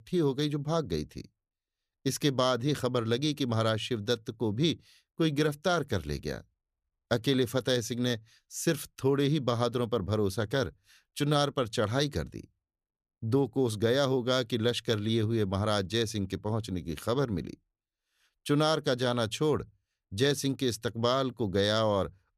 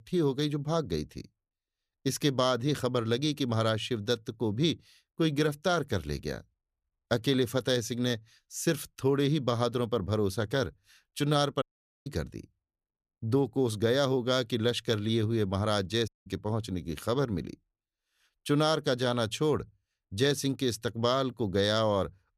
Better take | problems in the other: first | audio cutting out; at 12 s and at 16 s

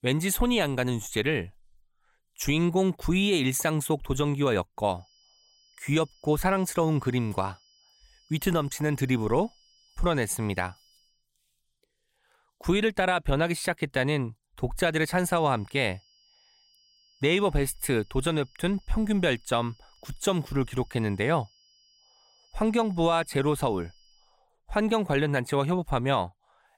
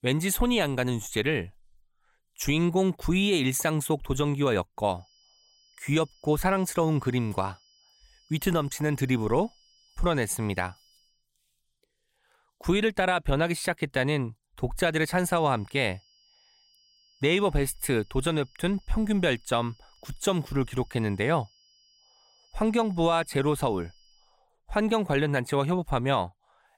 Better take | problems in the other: neither | high-pitched whine; faint; from 5 to 11 s and from 15 to 24 s; 5 kHz, 35 dB below the speech; the same in both

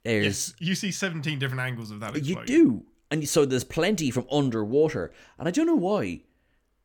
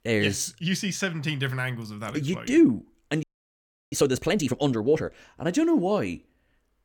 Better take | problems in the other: first | audio freezing; at 3 s for 0.5 s

